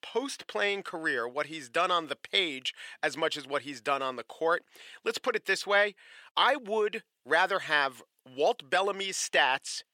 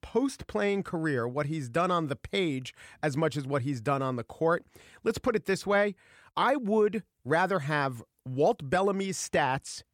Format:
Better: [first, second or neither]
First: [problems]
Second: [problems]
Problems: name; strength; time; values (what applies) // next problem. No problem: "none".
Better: second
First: thin; somewhat; fading below 450 Hz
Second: none